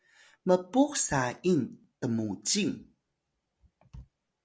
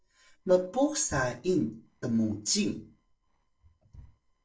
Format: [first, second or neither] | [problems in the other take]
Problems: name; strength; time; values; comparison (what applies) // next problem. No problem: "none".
first | noise reduction (neural separator model SepFormer DNS4)